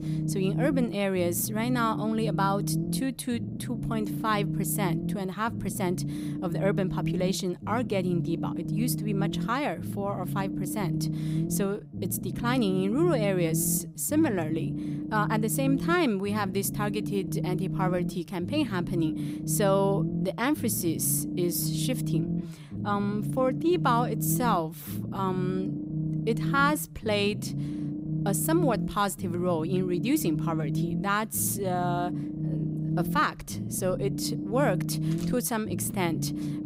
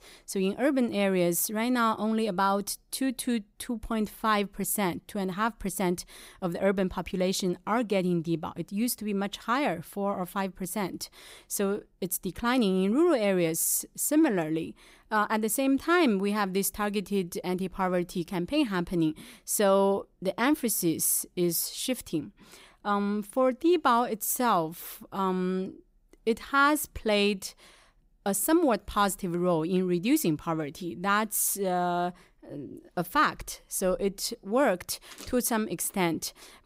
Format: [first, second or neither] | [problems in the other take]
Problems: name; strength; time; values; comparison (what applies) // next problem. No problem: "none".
second | low rumble; loud; throughout; 9 dB below the speech